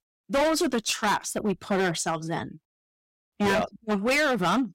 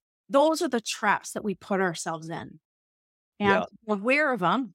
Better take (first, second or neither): second